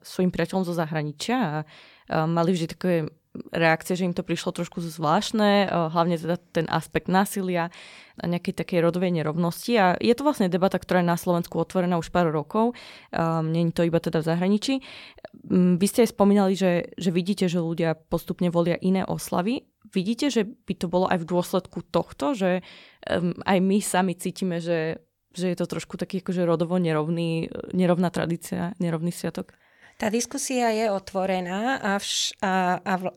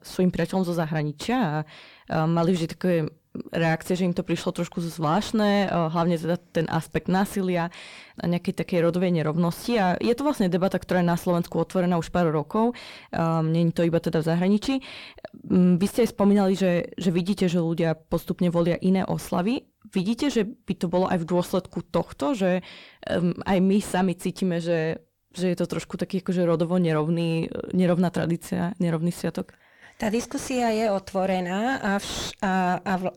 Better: first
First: none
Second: distortion; slight; 10 dB below the speech

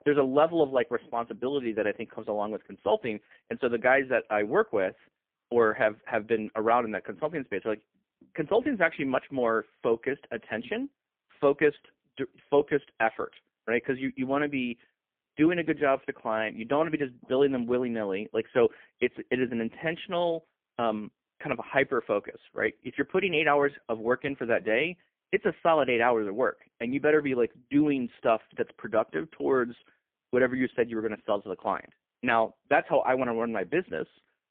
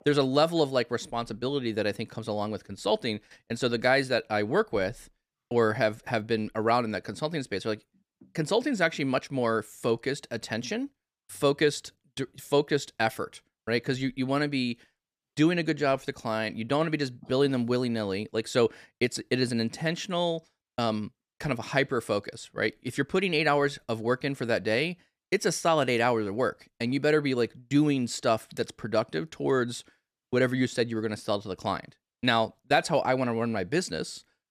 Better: second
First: phone-call audio; poor line; nothing above 3.5 kHz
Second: none

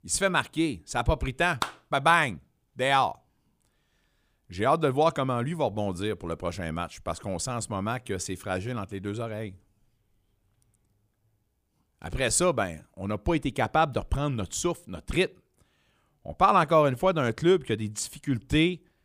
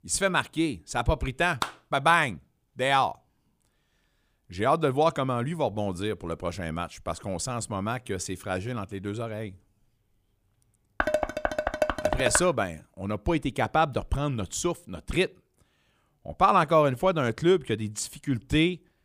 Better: first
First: none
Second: clattering dishes; noticeable; from 11 to 12 s; peak level with the speech

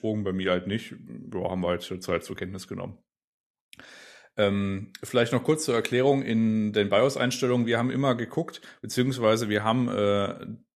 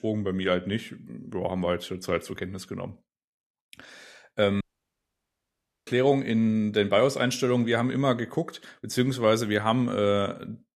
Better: first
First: none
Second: audio cutting out; at 4.5 s for 1.5 s

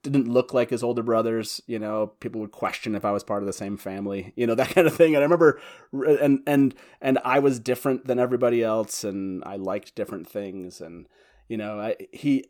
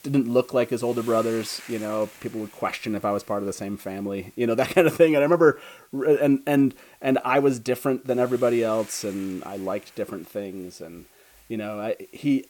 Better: first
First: none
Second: hiss; faint; throughout; 25 dB below the speech

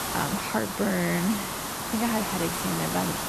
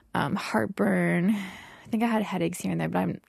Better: second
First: hiss; loud; throughout; 2 dB below the speech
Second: none

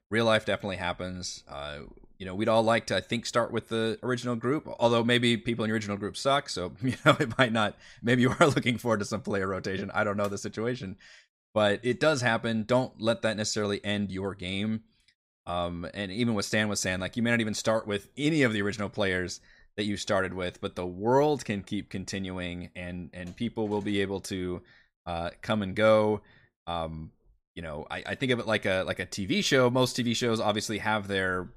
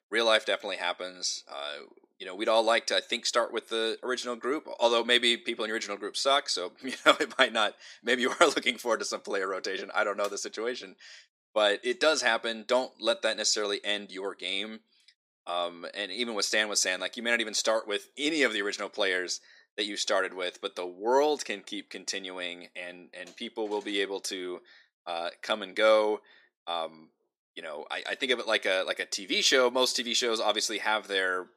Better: first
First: none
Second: thin; somewhat; fading below 300 Hz

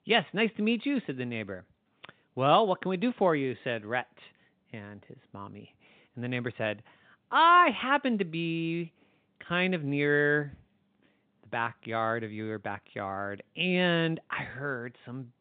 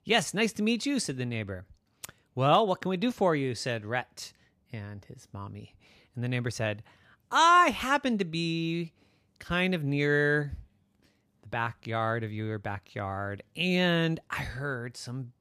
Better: second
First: phone-call audio; nothing above 3.5 kHz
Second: none

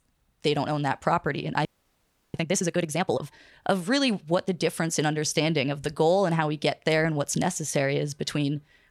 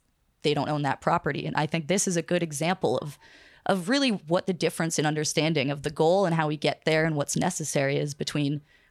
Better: second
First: audio freezing; at 1.5 s for 0.5 s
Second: none

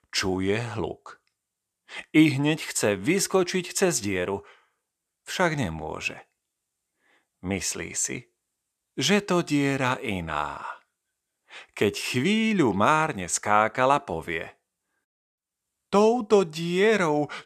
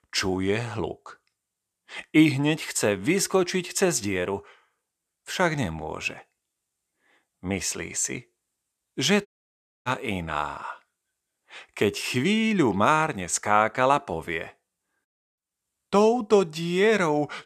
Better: first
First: none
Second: audio cutting out; at 9.5 s for 0.5 s

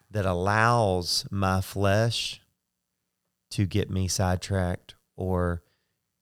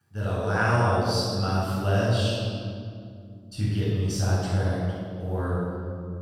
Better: first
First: none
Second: off-mic speech; far // room echo; strong; dies away in 2.5 s

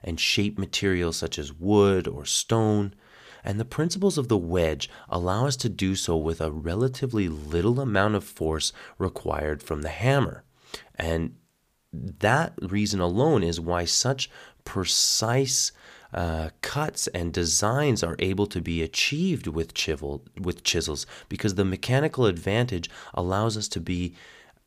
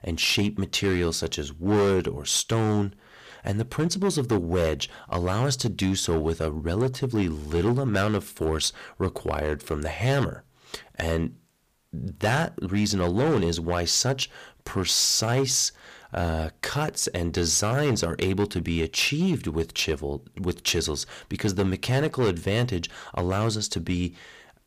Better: first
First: none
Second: distortion; slight; 7% of the sound clipped

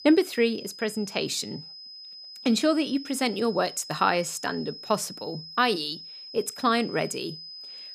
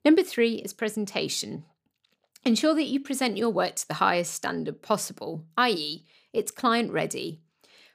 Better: second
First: high-pitched whine; noticeable; throughout; 5 kHz, 15 dB below the speech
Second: none

